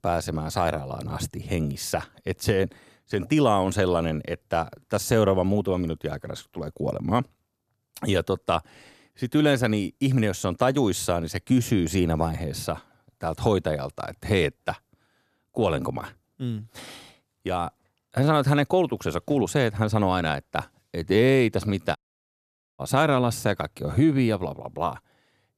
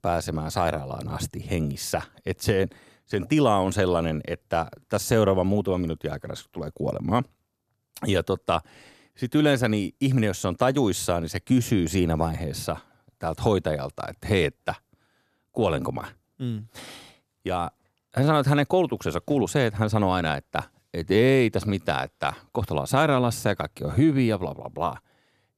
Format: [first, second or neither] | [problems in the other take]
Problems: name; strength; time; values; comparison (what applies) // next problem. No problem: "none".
second | audio cutting out; at 22 s for 1 s